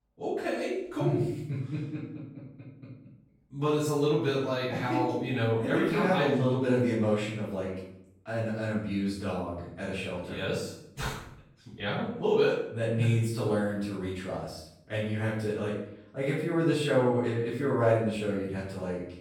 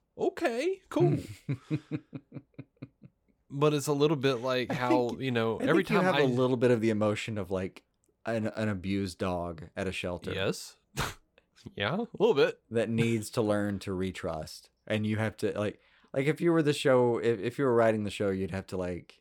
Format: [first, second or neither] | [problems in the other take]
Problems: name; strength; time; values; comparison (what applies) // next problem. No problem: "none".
second | off-mic speech; far // room echo; noticeable; dies away in 0.6 s